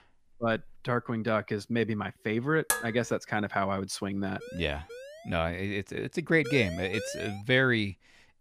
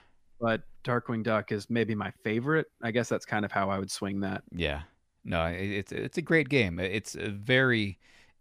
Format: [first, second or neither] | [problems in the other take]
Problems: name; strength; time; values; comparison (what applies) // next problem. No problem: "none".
second | clattering dishes; noticeable; at 2.5 s; peak level with the speech // siren; faint; at 4.5 s; peak 15 dB below the speech // siren; noticeable; at 6.5 s; peak 8 dB below the speech